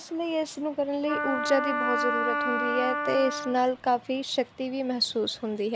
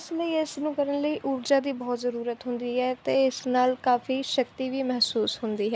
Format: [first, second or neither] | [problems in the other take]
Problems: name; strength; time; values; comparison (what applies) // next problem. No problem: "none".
second | background sound (Wind instrument, woodwind instrument); 1 dB below the speech